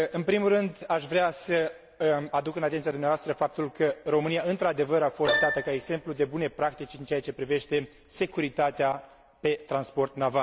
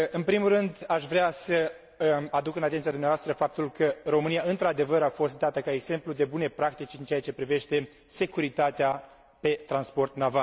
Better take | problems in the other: second | background sound (Keyboard (musical)); 7 dB below the speech

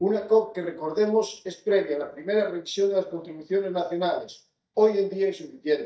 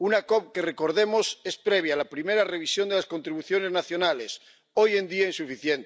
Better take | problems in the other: second | noise reduction (neural mask model DeepFilterNet 3)

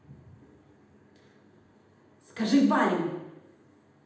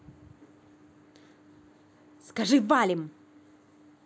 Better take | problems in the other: second | room echo; dies away in 0.8 s

